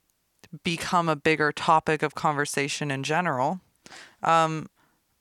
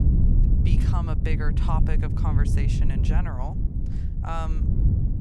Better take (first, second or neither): first